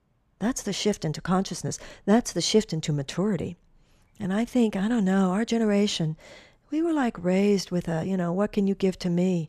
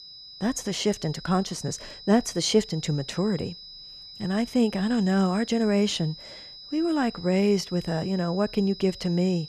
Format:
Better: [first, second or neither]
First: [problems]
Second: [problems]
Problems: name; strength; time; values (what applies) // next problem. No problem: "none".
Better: first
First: none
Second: high-pitched whine; noticeable; throughout; 5 kHz, 15 dB below the speech